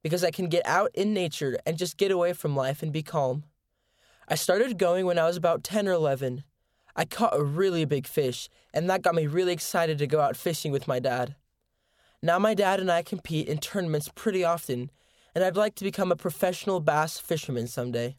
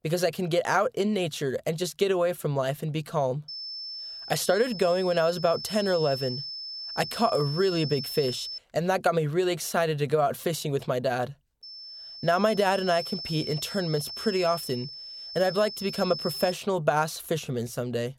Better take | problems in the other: first | high-pitched whine; loud; from 3.5 to 8.5 s and from 12 to 17 s; 5.5 kHz, 8 dB below the speech

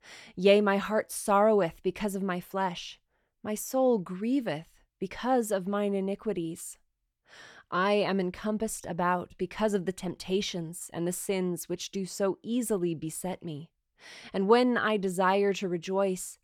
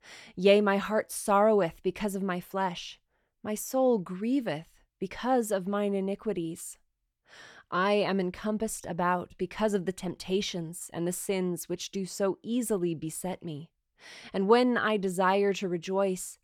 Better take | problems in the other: neither | none

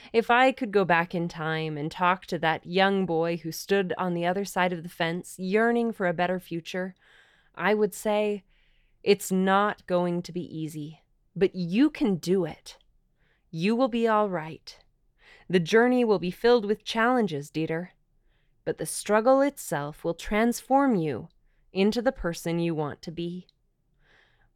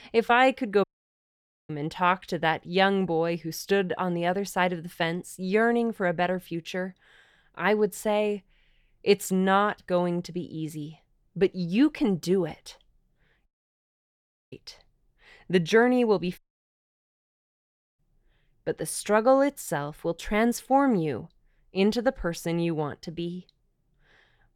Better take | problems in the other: first | audio cutting out; at 1 s for 1 s, at 13 s for 1 s and at 16 s for 1.5 s

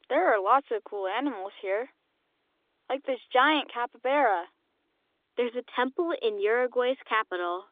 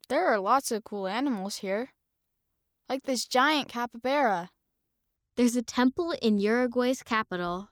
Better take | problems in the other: second | phone-call audio; nothing above 3 kHz

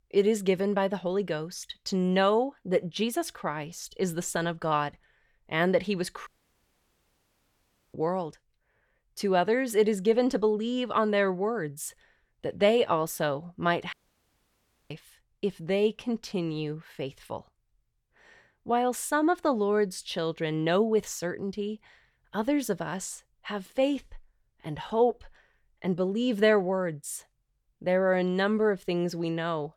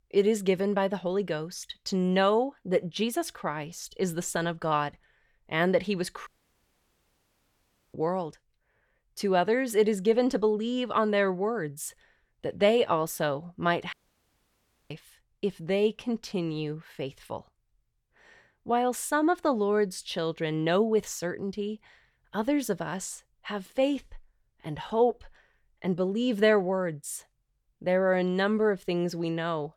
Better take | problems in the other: neither | audio cutting out; at 6.5 s for 1.5 s and at 14 s for 1 s; the same in both

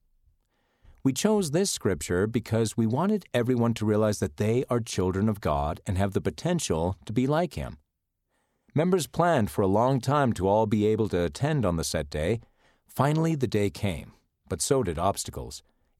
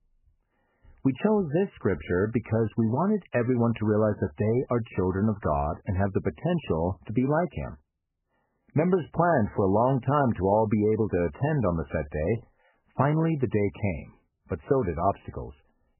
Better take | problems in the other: first | garbled, watery; badly; nothing above 3 kHz

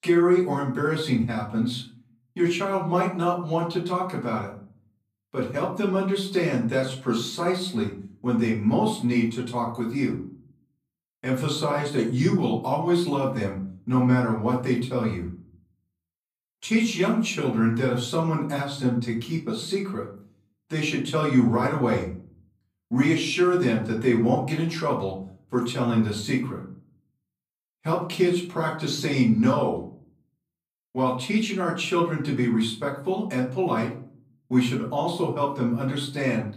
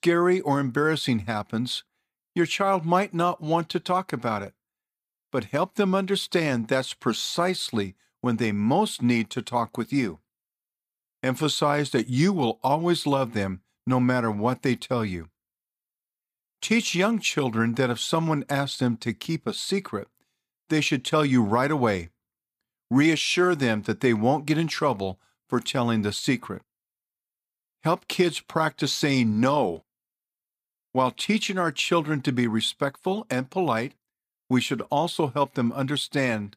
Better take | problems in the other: second | room echo; slight; dies away in 0.5 s // off-mic speech; far

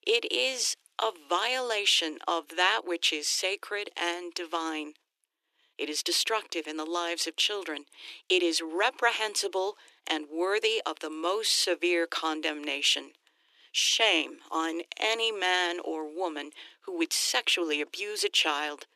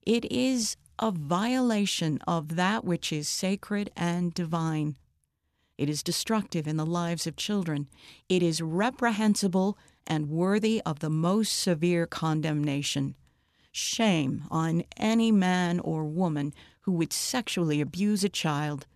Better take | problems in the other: second | thin; very; fading below 300 Hz

